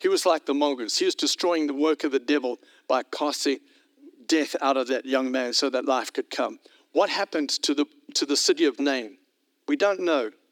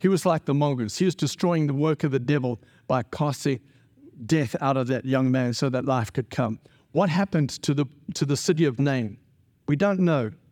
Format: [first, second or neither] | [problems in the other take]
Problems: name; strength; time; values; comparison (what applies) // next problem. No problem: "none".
second | thin; very slightly; fading below 300 Hz